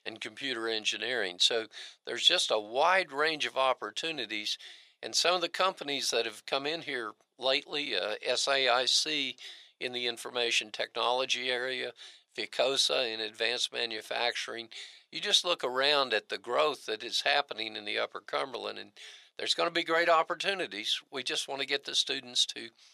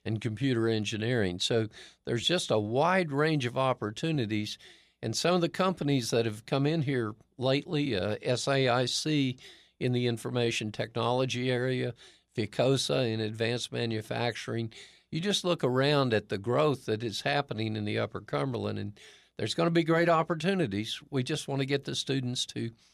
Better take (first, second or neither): second